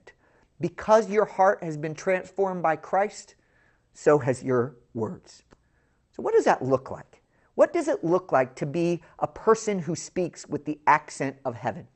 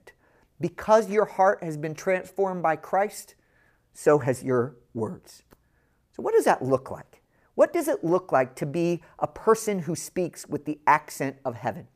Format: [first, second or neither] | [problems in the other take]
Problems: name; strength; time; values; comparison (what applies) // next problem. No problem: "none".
second | garbled, watery; slightly; nothing above 8.5 kHz